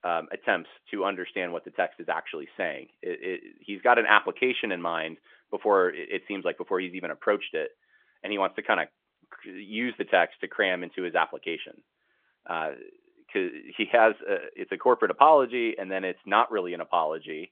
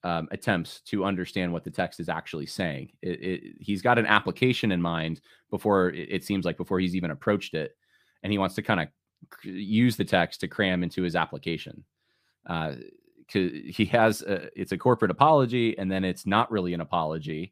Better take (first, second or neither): second